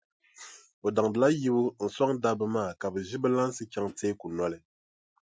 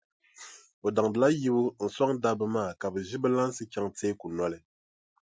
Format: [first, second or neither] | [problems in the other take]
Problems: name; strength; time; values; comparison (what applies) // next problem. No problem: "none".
second | noise reduction (neural mask model RNNoise)